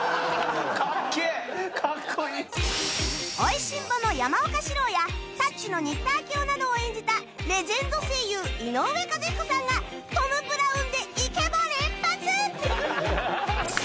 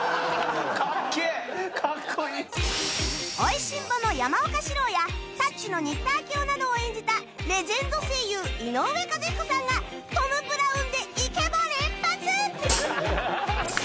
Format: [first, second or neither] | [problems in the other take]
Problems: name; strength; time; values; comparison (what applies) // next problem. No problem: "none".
first | background sound (Hi-hat); 3 dB below the speech